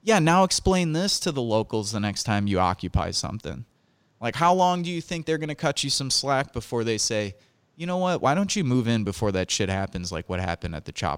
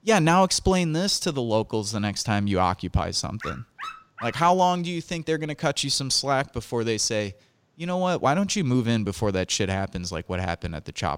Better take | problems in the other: first | dog barking; faint; at 3.5 s; peak 10 dB below the speech

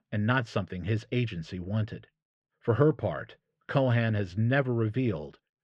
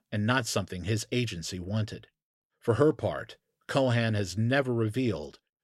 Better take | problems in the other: second | muffled; slightly; fading above 2.5 kHz

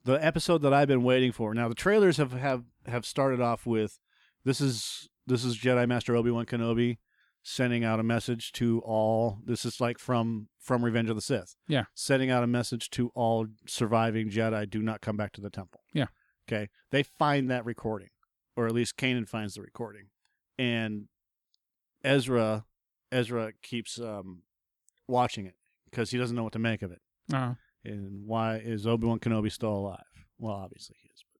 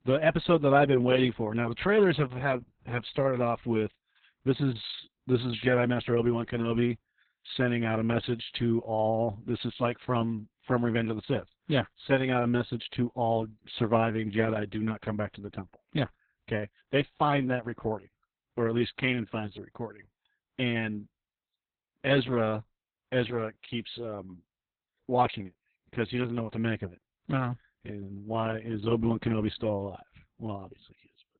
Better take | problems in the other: first | garbled, watery; badly; nothing above 4 kHz

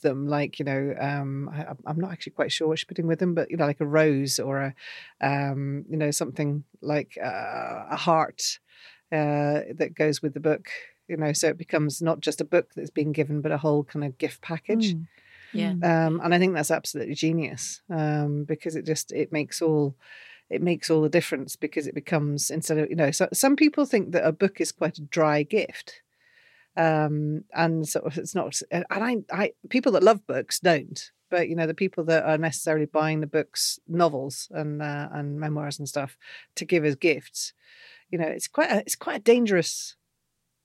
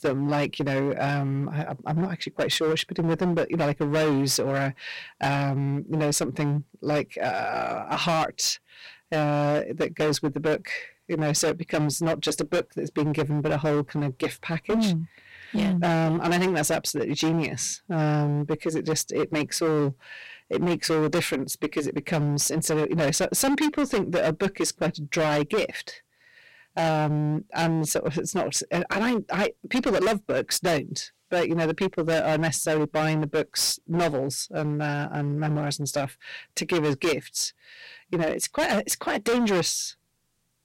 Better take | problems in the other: first | distortion; heavy; 16% of the sound clipped

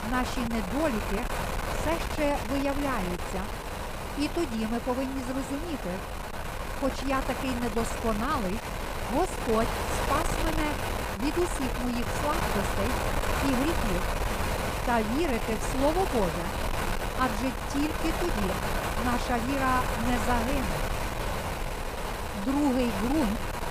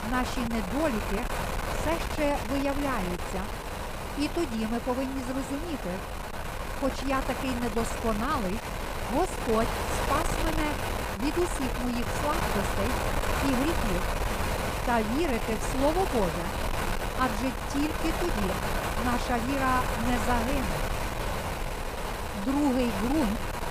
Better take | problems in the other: neither | wind noise on the microphone; heavy; 1 dB below the speech; the same in both

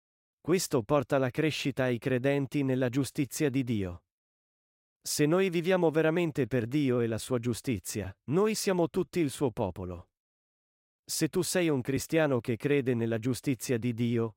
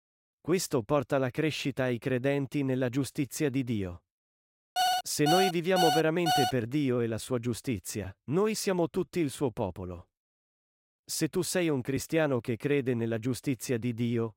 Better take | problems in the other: first | alarm; loud; from 5 to 6.5 s; peak 2 dB above the speech

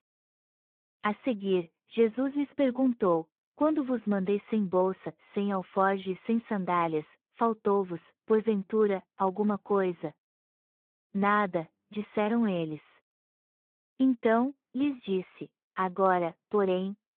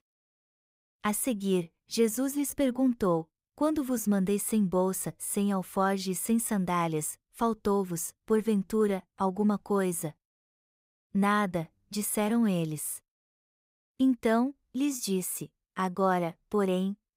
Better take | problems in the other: second | phone-call audio

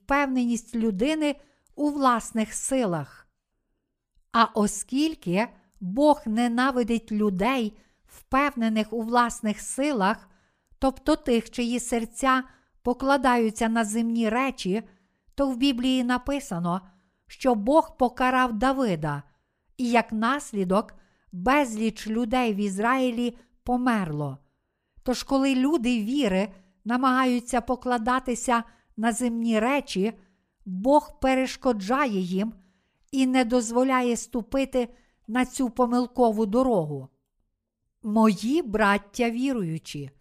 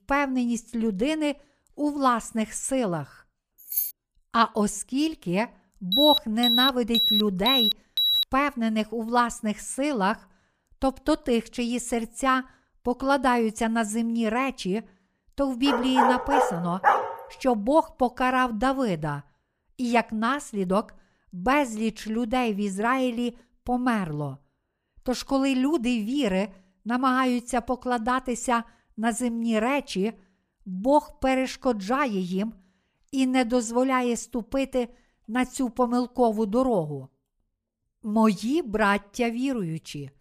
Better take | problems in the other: first | jangling keys; noticeable; at 3.5 s; peak 1 dB below the speech // alarm; loud; from 6 to 8 s; peak 5 dB above the speech // dog barking; loud; from 16 to 17 s; peak 4 dB above the speech

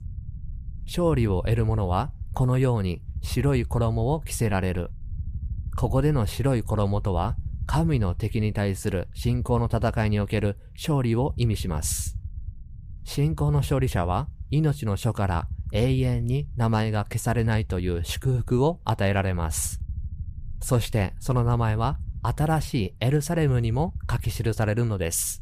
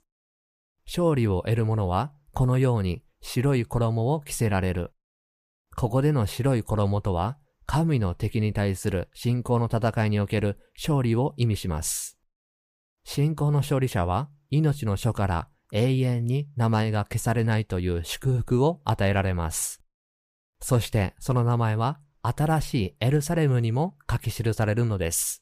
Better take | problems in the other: second | low rumble; faint; throughout; 25 dB below the speech

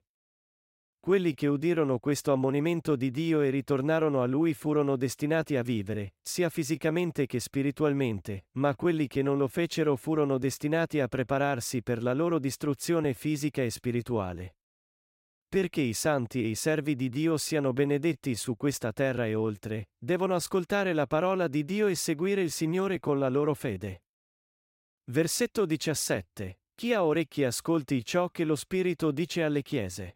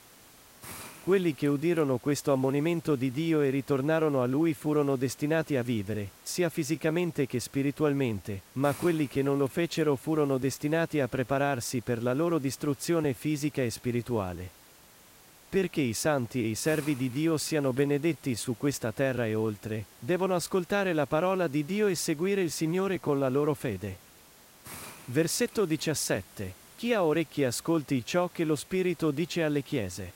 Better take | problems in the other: first | hiss; faint; throughout; 20 dB below the speech

